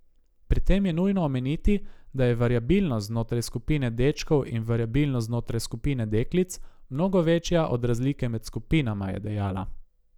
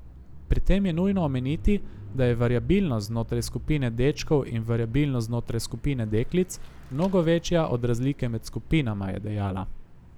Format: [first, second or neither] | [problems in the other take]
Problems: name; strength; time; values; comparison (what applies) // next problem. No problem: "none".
first | background sound (Mechanisms / Bicycle); 17 dB below the speech